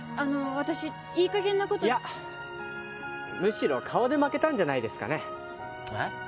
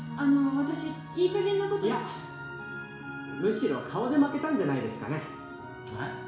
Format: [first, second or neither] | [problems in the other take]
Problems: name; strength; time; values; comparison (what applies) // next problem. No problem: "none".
first | room echo; dies away in 0.7 s